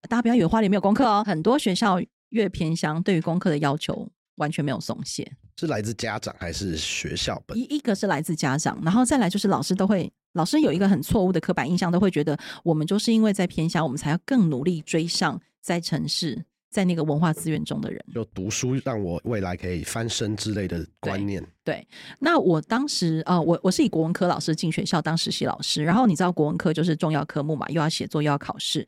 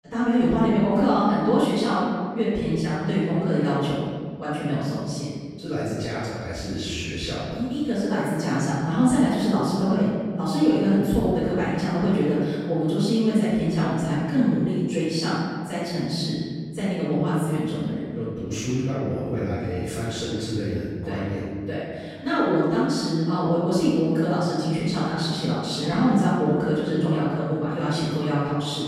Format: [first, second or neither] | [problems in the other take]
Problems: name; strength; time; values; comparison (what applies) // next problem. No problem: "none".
first | off-mic speech; far // room echo; strong; dies away in 1.7 s